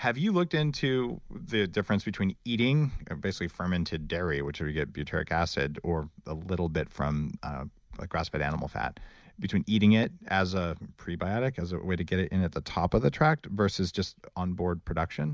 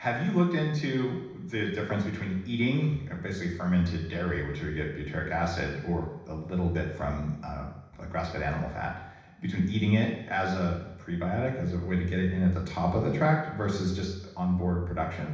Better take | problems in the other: first | room echo; dies away in 0.9 s

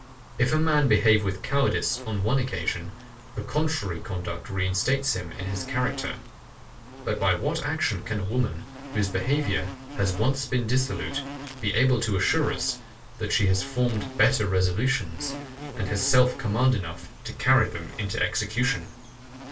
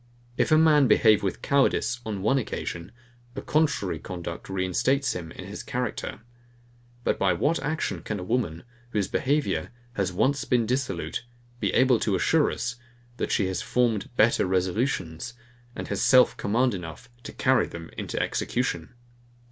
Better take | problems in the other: second | background sound (Insect); 15 dB below the speech // room echo; dies away in 0.2 s

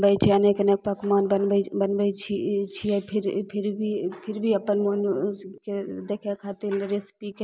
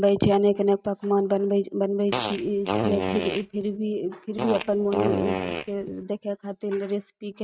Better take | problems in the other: first | noise reduction (neural mask model RNNoise)

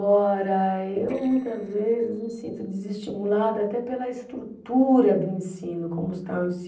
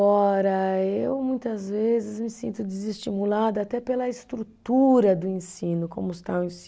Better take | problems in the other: second | noise reduction (neural separator model SepFormer DNS4)

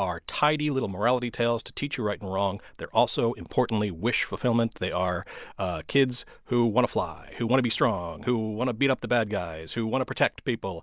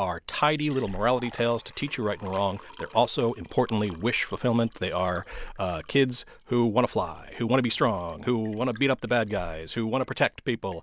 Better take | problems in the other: first | background sound (Liquid); 20 dB below the speech

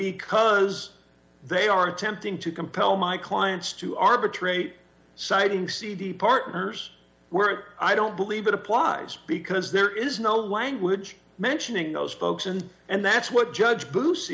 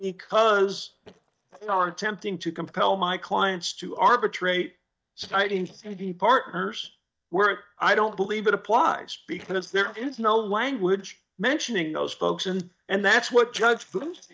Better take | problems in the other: first | noise reduction (neural mask model DeepFilterNet 3)

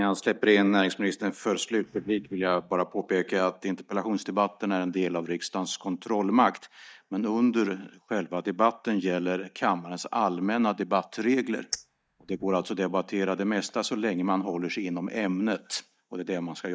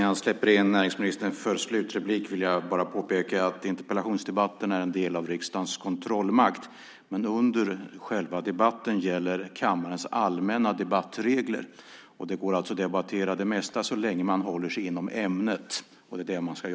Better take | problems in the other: second | noise reduction (neural mask model DeepFilterNet 3)

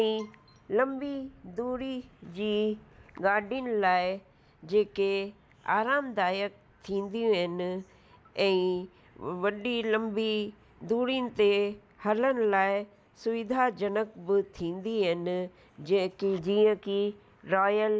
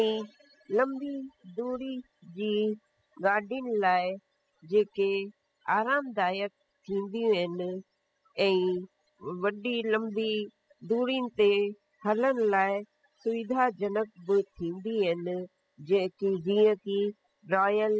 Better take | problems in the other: first | noise reduction (classical method spectral subtraction)

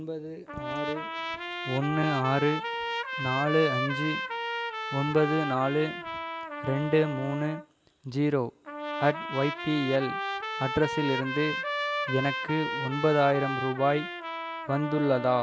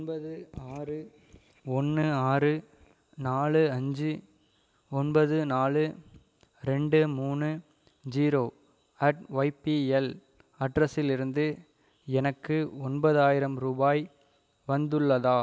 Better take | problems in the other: second | background sound (Trumpet); 5 dB below the speech

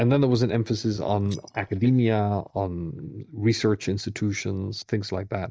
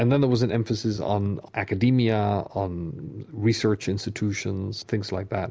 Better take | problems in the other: second | noise reduction (neural mask model DeepFilterNet 3)

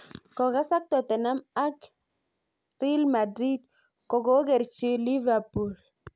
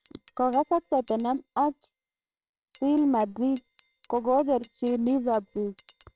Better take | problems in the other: first | noise reduction (neural separator model SepFormer WHAMR!)

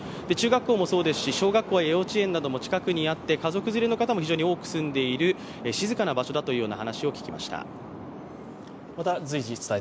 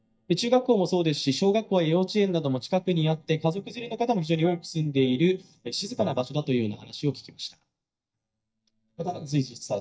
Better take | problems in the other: first | noise reduction (neural mask model DeepFilterNet 3)

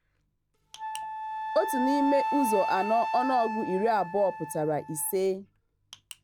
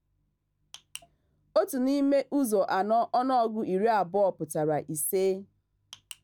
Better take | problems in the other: second | background sound (Wind instrument, woodwind instrument); 5 dB below the speech

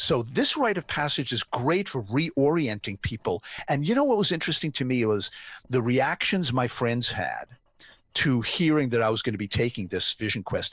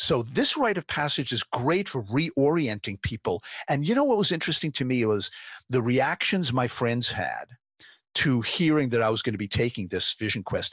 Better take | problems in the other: second | noise reduction (neural separator model SepFormer DNS4)

